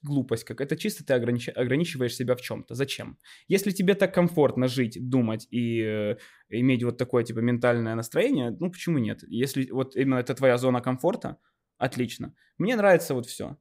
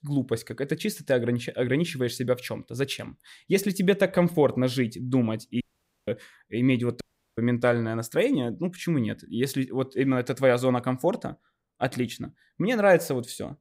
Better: first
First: none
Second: audio cutting out; at 5.5 s and at 7 s

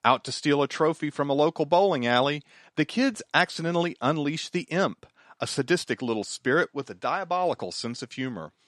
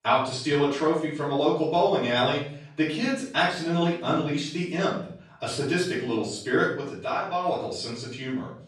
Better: first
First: none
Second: off-mic speech; far // room echo; noticeable; dies away in 0.5 s

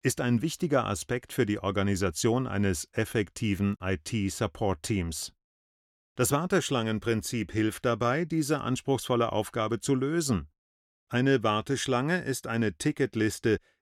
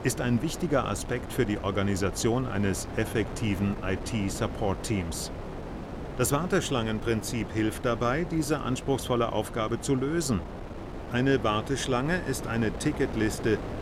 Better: first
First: none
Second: wind noise on the microphone; occasional gusts; 10 dB below the speech

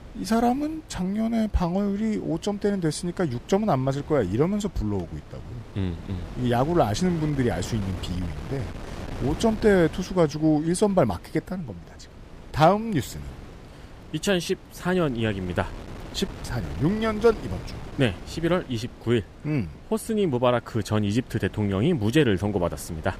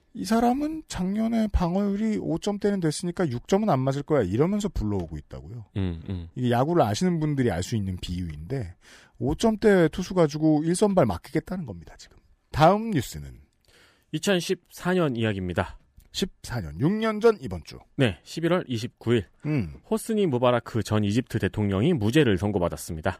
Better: second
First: wind noise on the microphone; occasional gusts; 20 dB below the speech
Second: none

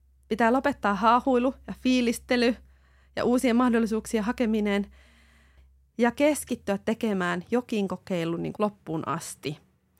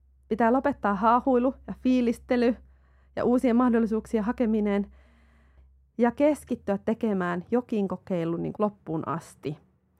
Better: first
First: none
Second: muffled; slightly; fading above 2 kHz

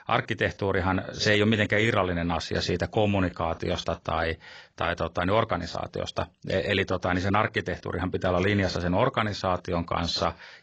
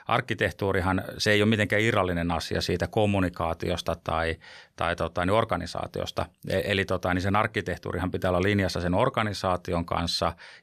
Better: second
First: garbled, watery; badly; nothing above 7.5 kHz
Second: none

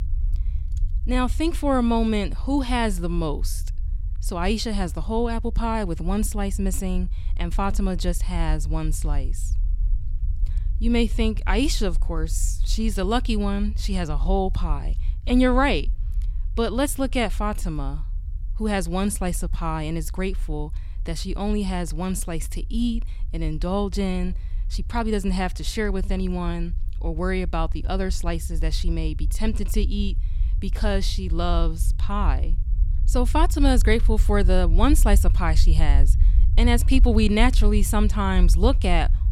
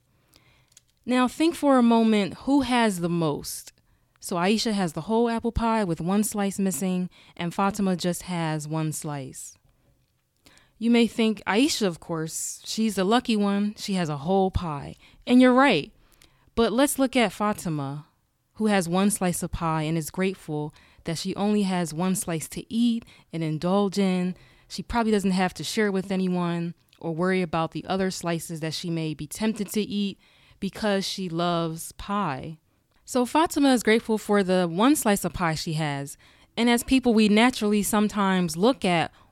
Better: second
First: low rumble; faint; throughout; 20 dB below the speech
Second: none

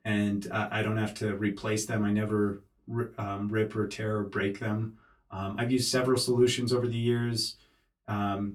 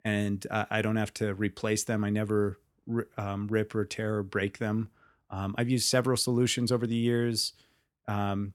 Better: second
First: off-mic speech; far // room echo; very slight; dies away in 0.2 s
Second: none

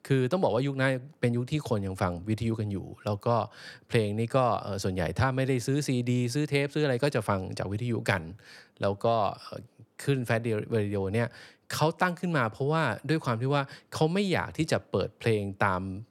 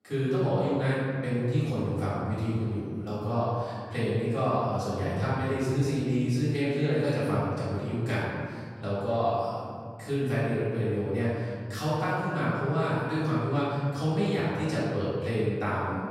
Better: first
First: none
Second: off-mic speech; far // room echo; strong; dies away in 2.2 s

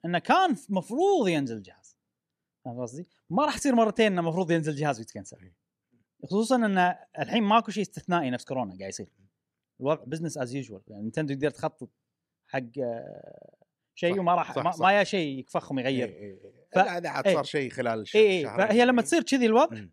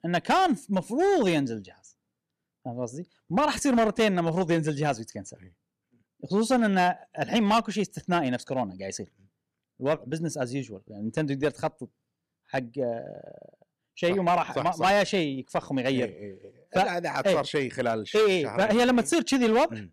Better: first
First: none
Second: distortion; slight; 6% of the sound clipped

